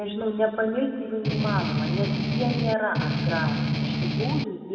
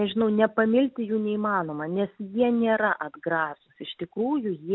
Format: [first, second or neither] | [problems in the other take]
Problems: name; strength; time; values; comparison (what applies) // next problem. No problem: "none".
second | background sound (Strum); 3 dB above the speech // room echo; dies away in 2.1 s